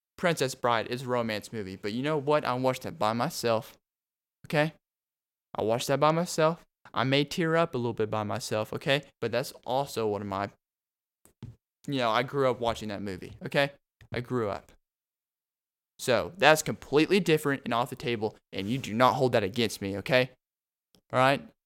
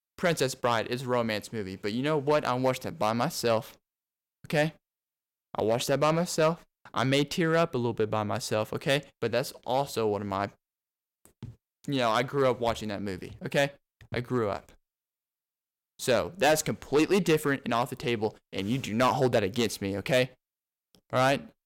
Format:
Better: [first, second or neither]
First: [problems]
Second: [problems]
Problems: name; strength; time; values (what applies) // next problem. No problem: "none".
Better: first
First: none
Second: distortion; slight; 2% of the sound clipped